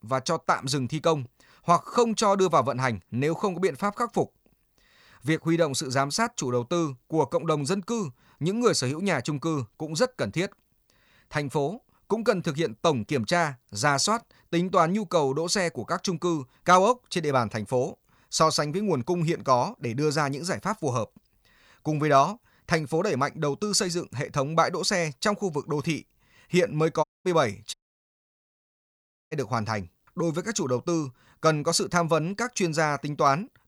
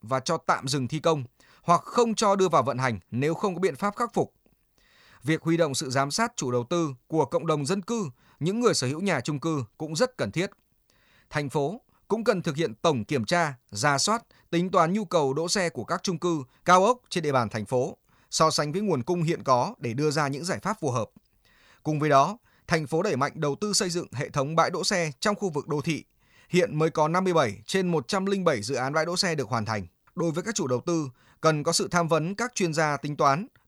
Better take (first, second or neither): second